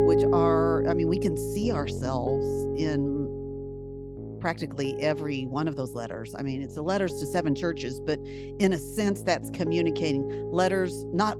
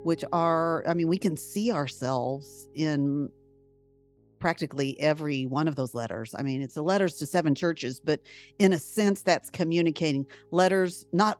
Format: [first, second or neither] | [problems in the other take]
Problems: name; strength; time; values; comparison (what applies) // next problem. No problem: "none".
second | background music; loud; throughout; 2 dB below the speech; faint in the second